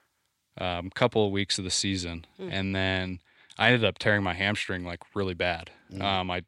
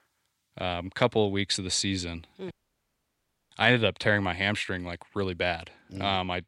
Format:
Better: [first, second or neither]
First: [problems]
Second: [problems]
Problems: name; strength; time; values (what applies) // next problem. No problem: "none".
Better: first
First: none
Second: audio cutting out; at 2.5 s for 1 s